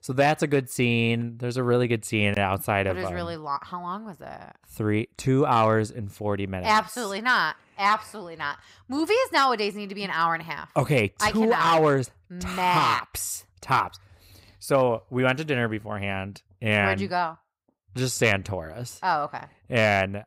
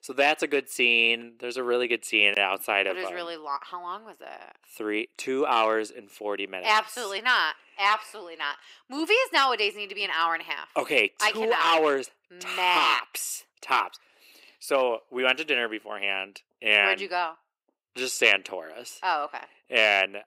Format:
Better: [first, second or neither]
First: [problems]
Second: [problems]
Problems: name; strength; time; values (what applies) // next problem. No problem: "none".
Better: first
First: none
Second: thin; somewhat; fading below 350 Hz